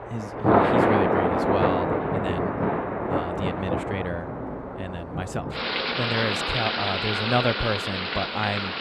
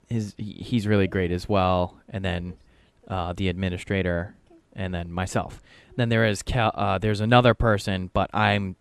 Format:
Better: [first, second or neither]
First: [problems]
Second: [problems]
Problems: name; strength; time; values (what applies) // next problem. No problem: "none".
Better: second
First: rain or running water; very loud; throughout; 5 dB above the speech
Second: none